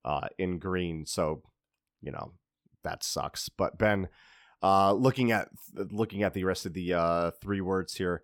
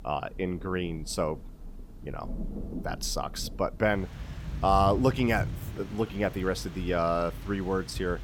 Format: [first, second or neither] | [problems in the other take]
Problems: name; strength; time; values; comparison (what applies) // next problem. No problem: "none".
first | rain or running water; loud; throughout; 10 dB below the speech